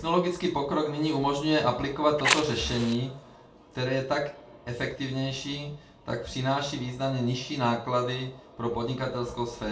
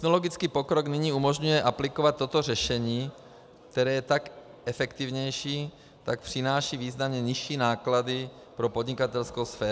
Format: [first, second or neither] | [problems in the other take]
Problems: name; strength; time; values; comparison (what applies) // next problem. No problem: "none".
second | background sound (Fire); 2 dB below the speech // room echo; dies away in 0.3 s